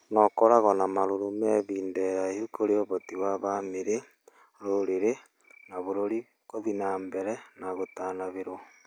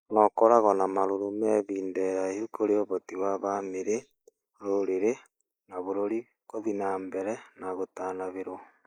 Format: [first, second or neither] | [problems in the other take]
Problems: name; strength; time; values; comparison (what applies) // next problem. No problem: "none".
first | noise reduction (neural mask model Resemble Enhance denoiser)